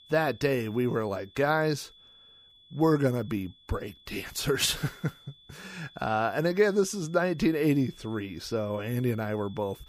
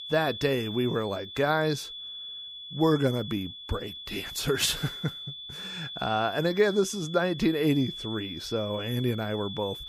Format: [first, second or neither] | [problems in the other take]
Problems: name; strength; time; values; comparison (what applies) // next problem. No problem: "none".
first | high-pitched whine; loud; throughout; 3.5 kHz, 10 dB below the speech; faint in the first